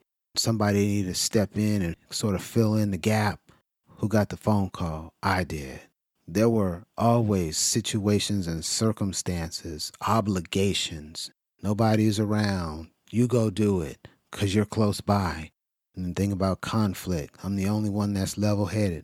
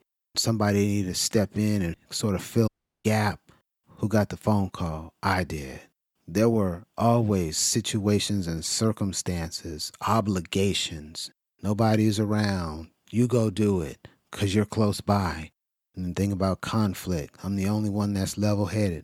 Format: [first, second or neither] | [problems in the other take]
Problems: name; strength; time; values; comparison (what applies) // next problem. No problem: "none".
first | audio cutting out; at 2.5 s